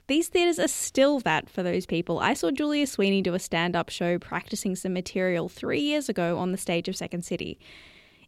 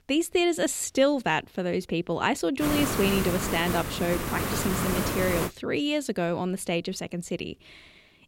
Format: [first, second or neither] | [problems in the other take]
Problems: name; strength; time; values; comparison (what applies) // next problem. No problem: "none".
first | hiss; loud; from 2.5 to 5.5 s; 2 dB below the speech